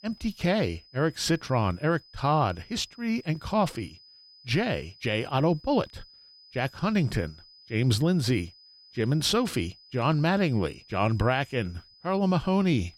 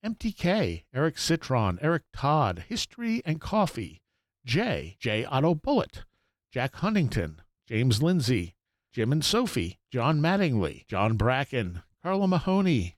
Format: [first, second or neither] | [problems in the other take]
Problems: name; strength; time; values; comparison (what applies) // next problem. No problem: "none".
second | high-pitched whine; faint; throughout; 5 kHz, 25 dB below the speech